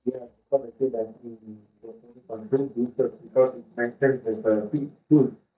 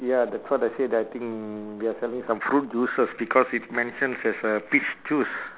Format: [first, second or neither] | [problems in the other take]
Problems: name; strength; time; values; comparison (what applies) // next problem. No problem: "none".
second | noise reduction (neural mask model DeepFilterNet 3)